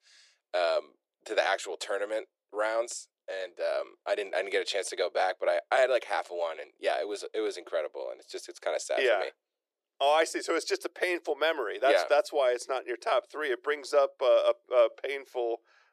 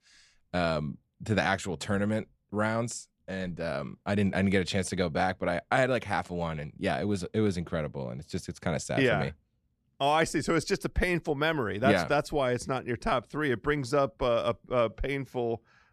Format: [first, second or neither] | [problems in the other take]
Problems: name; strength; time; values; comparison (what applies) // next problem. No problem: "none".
second | thin; very; fading below 350 Hz